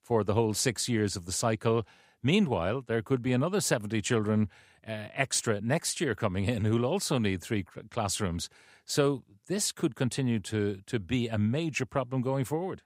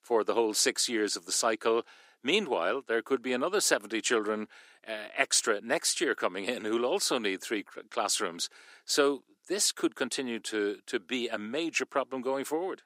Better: first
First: none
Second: thin; somewhat; fading below 300 Hz

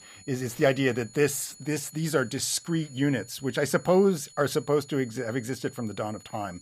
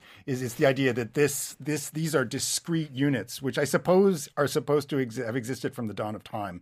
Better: second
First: high-pitched whine; faint; throughout; 7 kHz, 20 dB below the speech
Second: none

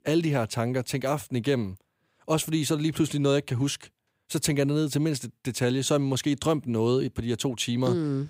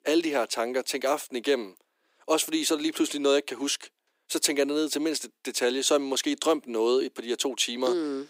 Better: first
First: none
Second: thin; somewhat; fading below 300 Hz

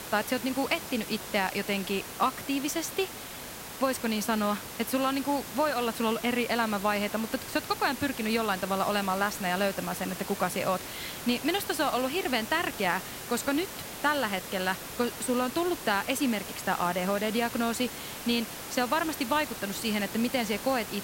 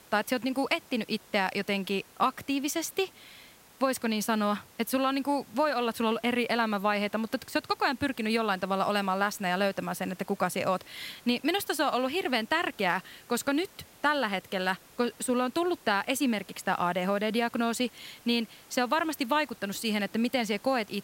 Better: second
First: hiss; loud; throughout; 9 dB below the speech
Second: hiss; faint; throughout; 25 dB below the speech

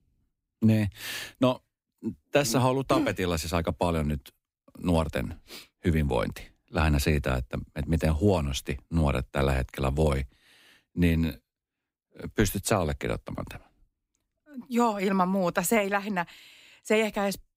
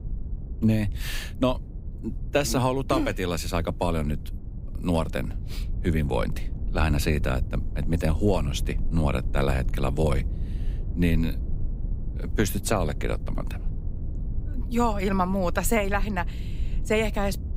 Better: first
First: none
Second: low rumble; noticeable; throughout; 20 dB below the speech

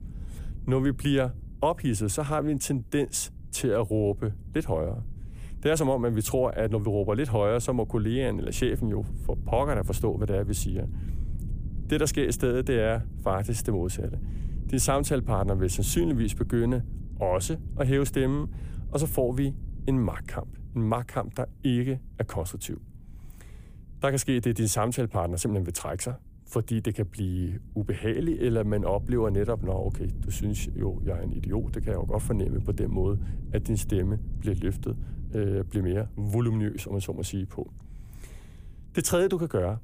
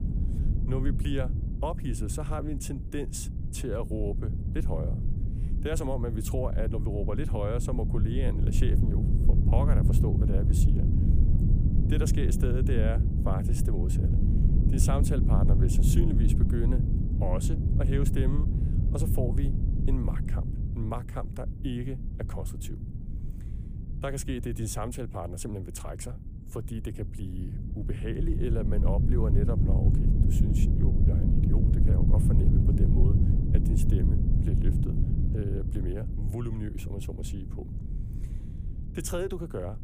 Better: first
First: low rumble; faint; throughout; 20 dB below the speech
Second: low rumble; loud; throughout; 2 dB below the speech

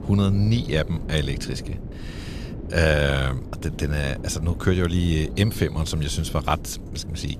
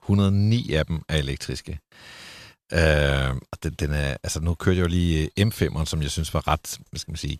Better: second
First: wind noise on the microphone; occasional gusts; 15 dB below the speech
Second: none

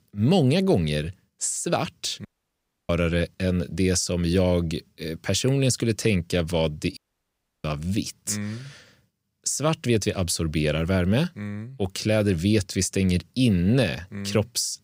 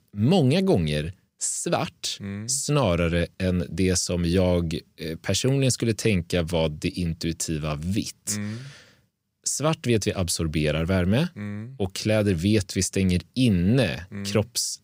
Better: second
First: audio cutting out; at 2.5 s for 0.5 s and at 7 s for 0.5 s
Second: none

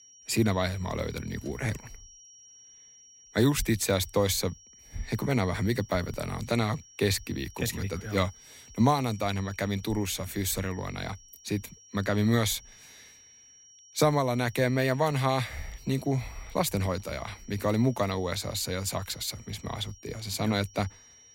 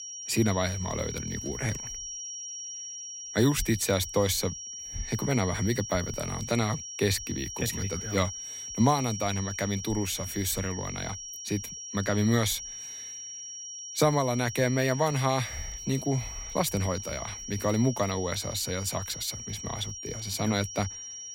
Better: first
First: high-pitched whine; faint; throughout; 5.5 kHz, 20 dB below the speech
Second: high-pitched whine; loud; throughout; 5.5 kHz, 8 dB below the speech

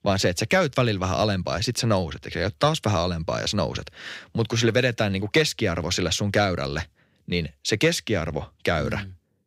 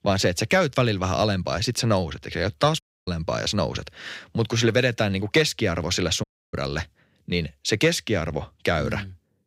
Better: first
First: none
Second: audio cutting out; at 3 s and at 6 s

